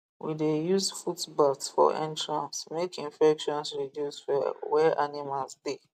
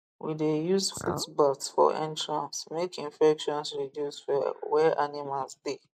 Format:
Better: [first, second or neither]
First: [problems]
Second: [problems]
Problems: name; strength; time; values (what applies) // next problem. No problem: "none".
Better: first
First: none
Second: noise reduction (neural mask model Resemble Enhance denoiser)